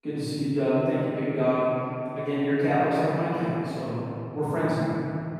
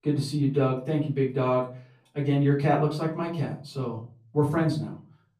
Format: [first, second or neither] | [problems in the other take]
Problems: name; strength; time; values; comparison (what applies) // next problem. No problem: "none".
second | room echo; strong; dies away in 2.8 s; slight in the second // off-mic speech; far; far in the second